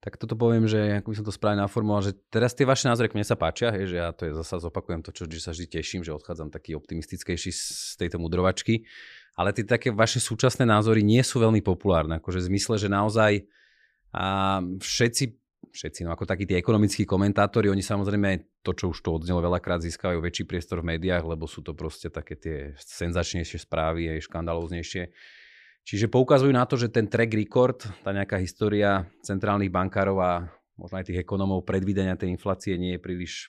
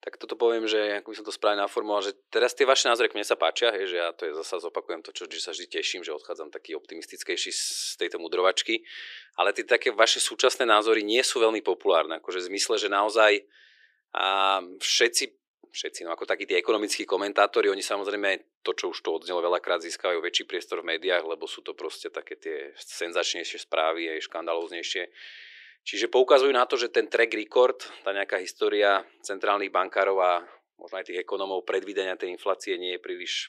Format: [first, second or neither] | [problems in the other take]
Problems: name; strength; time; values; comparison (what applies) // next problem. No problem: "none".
first | thin; very; fading below 350 Hz